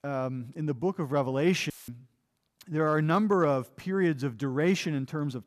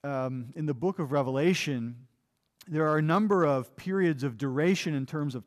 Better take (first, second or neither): second